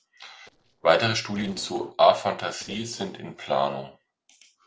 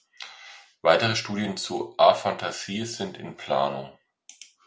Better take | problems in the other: second | noise reduction (neural separator model SepFormer DNS4)

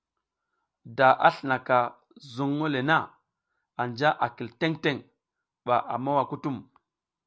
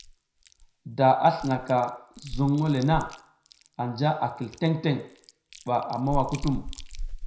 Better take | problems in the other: first | background sound (Chewing, mastication); 11 dB below the speech // room echo; dies away in 0.5 s

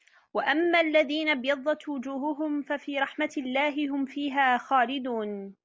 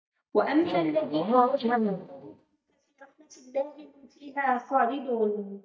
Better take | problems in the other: first | noise reduction (neural mask model DeepFilterNet 3)

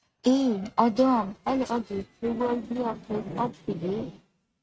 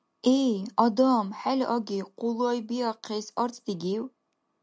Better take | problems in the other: second | noise reduction (neural mask model RNNoise)

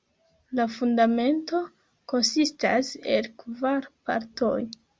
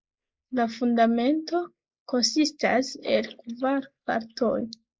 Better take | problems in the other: first | noise reduction (neural mask model Resemble Enhance denoiser)

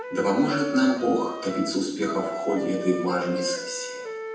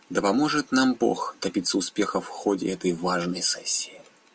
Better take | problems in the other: second | background sound (Wind instrument, woodwind instrument); 8 dB below the speech // room echo; dies away in 0.8 s

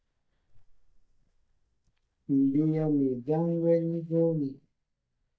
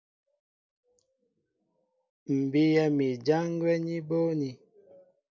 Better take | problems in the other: second | noise reduction (neural mask model DeepFilterNet 3)

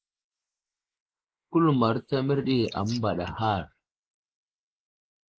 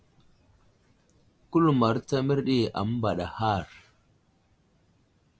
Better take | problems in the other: second | noise reduction (neural mask model Resemble Enhance denoiser)

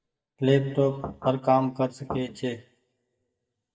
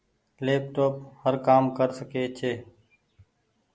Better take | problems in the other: second | noise reduction (neural mask model DeepFilterNet 3)

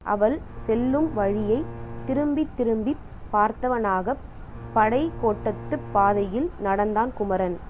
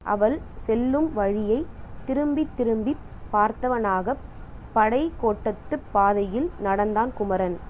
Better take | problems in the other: second | background sound (Bowed string instrument); 15 dB below the speech

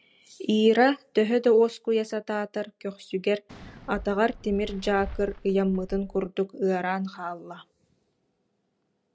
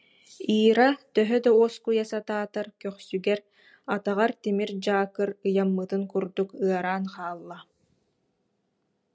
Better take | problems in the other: second | background sound (Fireworks); 15 dB below the speech

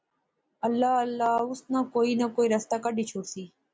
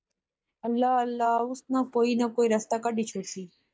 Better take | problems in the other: first | noise reduction (neural mask model DeepFilterNet 3)

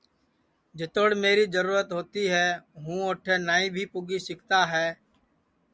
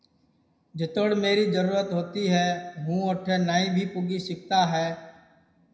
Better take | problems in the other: first | room echo; dies away in 0.8 s

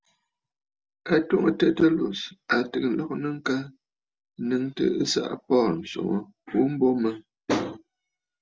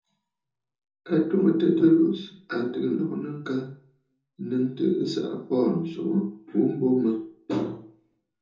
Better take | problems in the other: first | room echo; dies away in 0.6 s

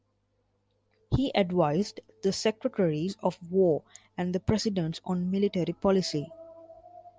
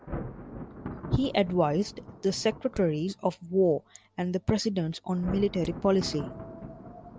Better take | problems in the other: first | background sound (Hammer + Thunder); 13 dB below the speech

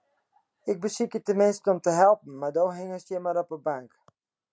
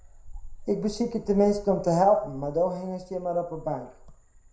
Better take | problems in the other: first | background sound (Frog); 17 dB below the speech // room echo; dies away in 0.4 s

